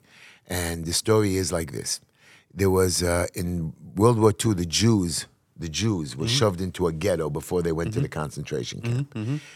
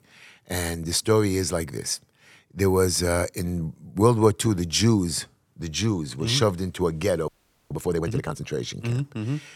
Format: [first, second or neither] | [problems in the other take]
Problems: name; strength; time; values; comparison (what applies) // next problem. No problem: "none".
first | audio freezing; at 7.5 s